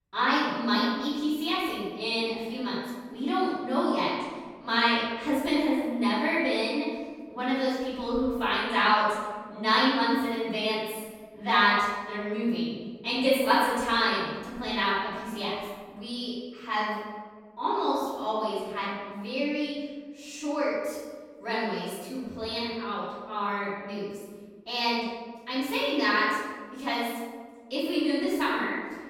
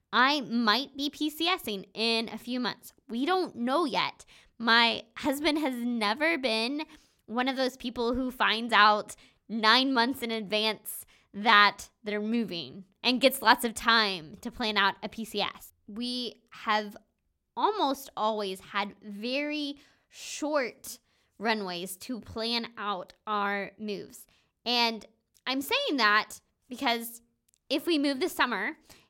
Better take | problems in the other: second | room echo; strong; dies away in 1.4 s // off-mic speech; far

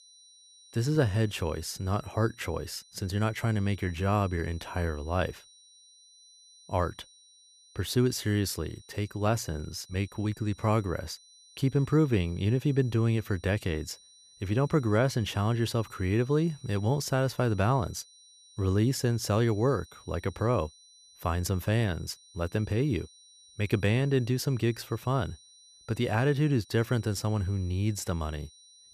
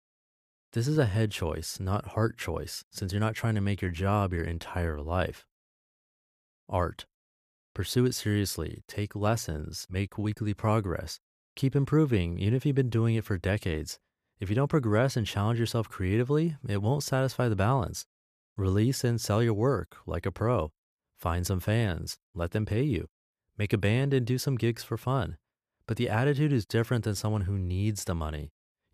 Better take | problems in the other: second | high-pitched whine; faint; throughout; 4 kHz, 25 dB below the speech

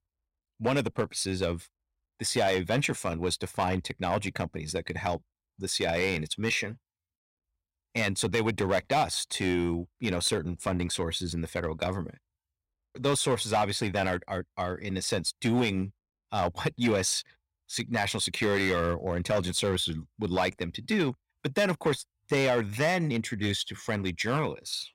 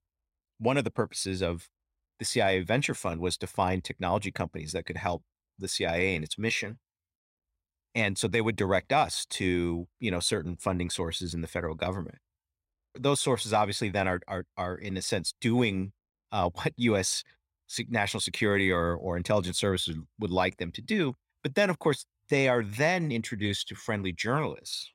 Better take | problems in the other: second | distortion; slight; 3% of the sound clipped

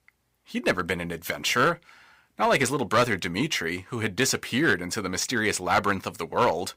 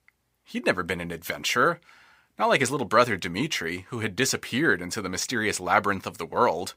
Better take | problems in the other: second | distortion; slight; 3% of the sound clipped

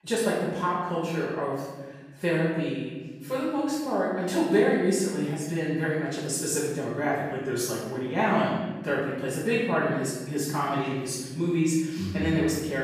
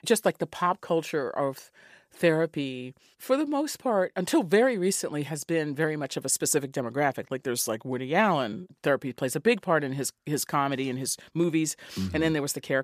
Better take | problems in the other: second | off-mic speech; far // room echo; strong; dies away in 1.4 s

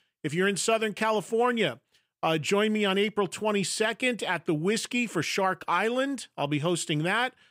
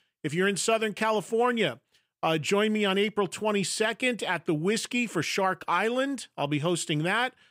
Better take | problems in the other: neither | none

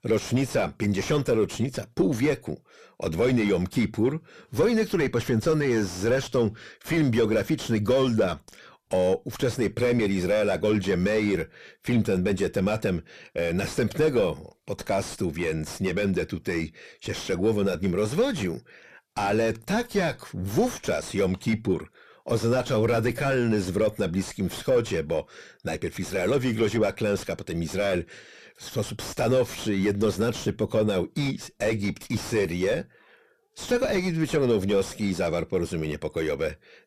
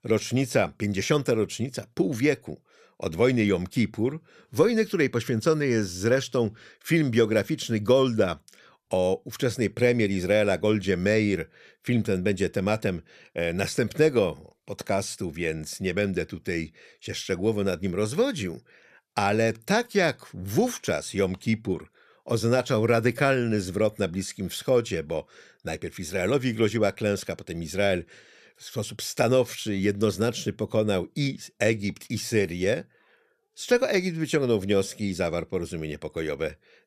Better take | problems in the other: second | distortion; heavy; 6 dB below the speech

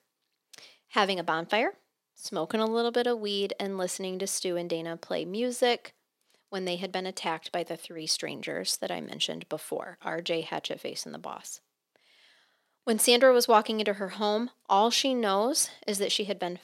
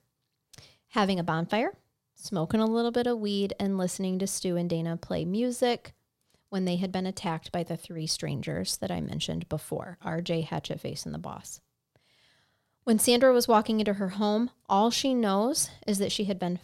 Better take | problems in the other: second | thin; somewhat; fading below 300 Hz

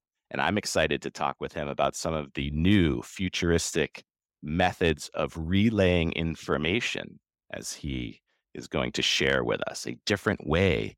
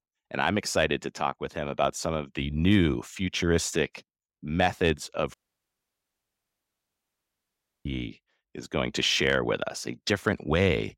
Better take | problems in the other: first | audio cutting out; at 5.5 s for 2.5 s

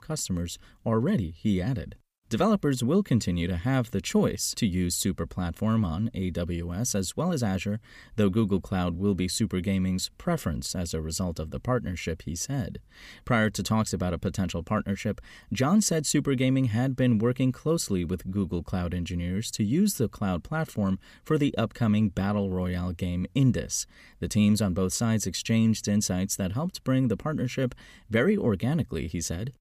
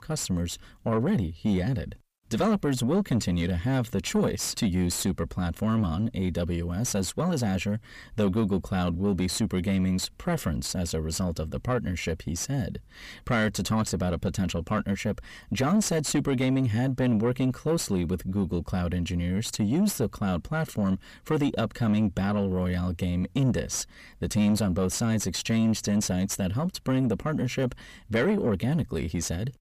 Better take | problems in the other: first | distortion; slight; 10 dB below the speech

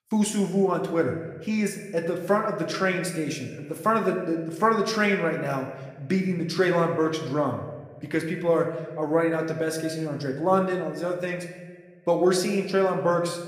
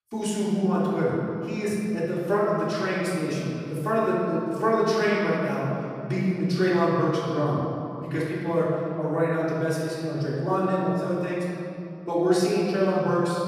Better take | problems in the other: first | room echo; strong; dies away in 2.6 s; slight in the first // off-mic speech; far

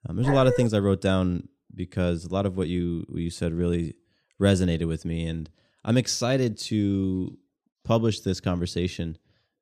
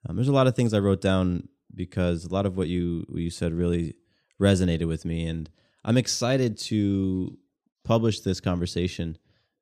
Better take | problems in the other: second | dog barking; noticeable; at the start; peak 3 dB below the speech

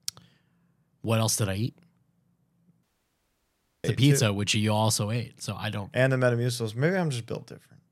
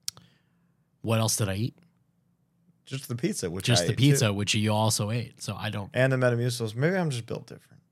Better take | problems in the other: second | audio cutting out; at 3 s for 1 s

